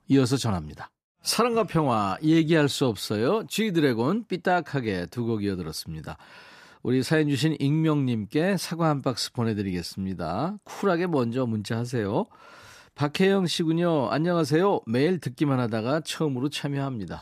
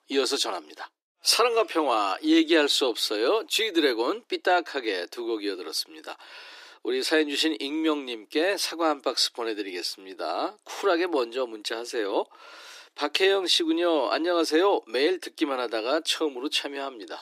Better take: first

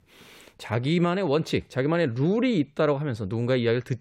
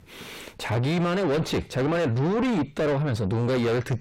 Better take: first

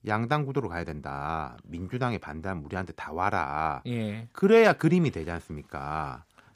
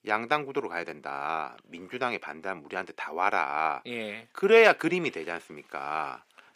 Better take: first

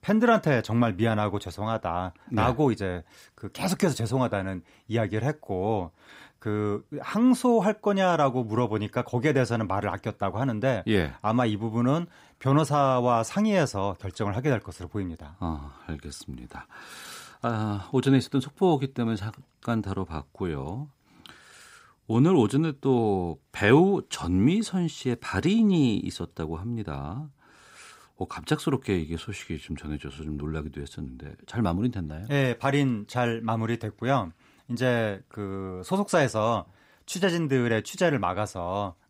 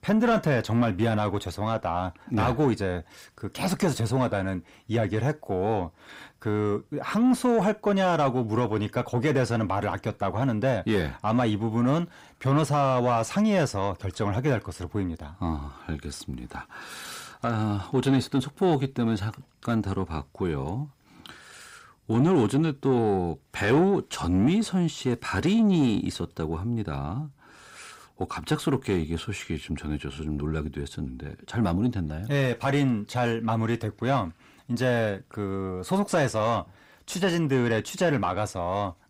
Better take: first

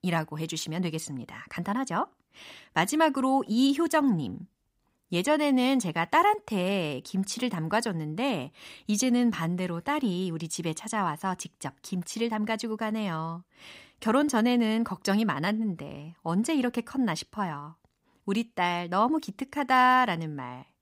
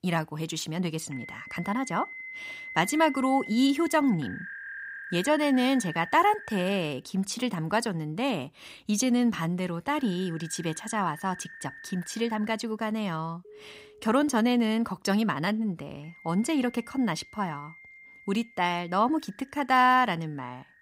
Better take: first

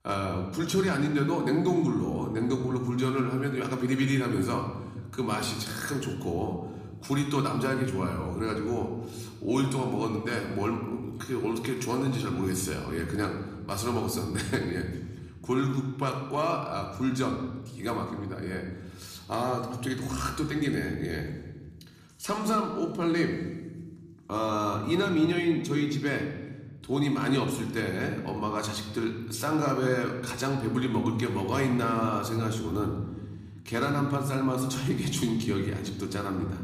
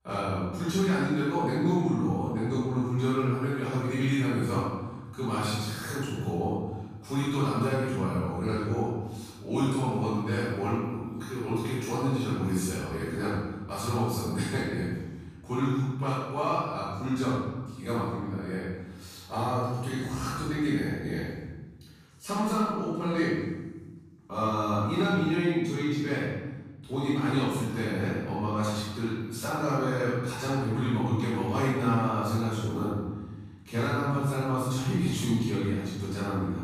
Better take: first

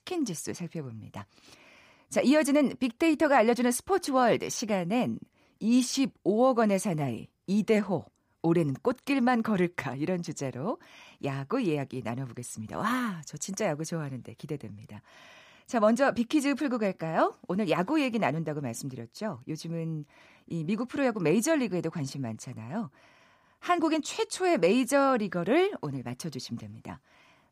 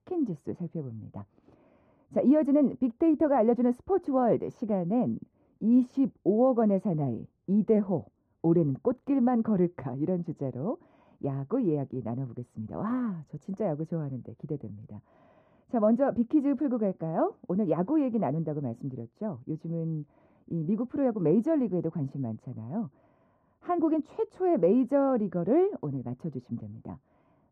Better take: first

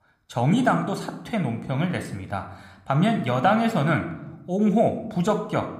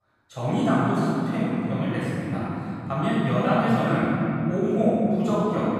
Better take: first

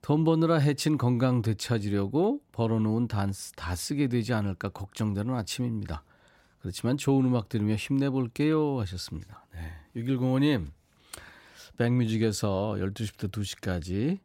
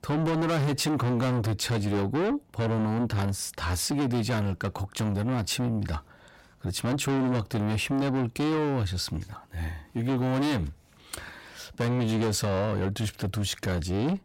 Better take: first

